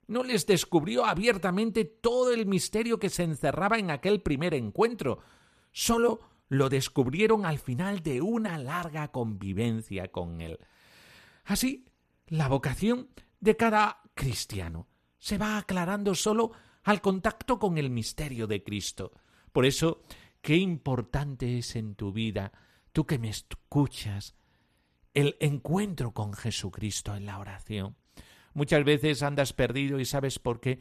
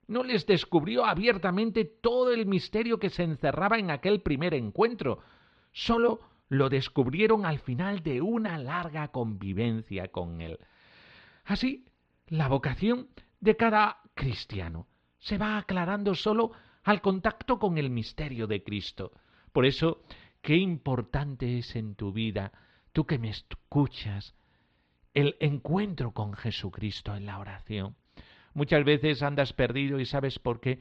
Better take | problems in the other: first | muffled; very slightly; fading above 4.5 kHz

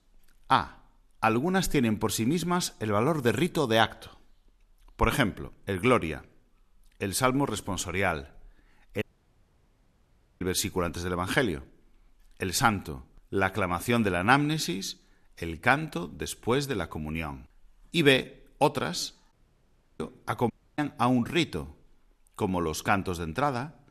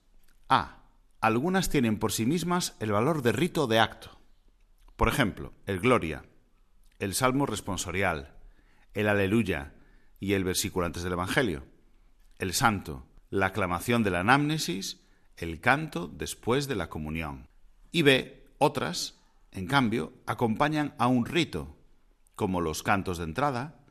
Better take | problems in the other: second | audio cutting out; at 9 s for 1.5 s, at 19 s for 0.5 s and at 21 s

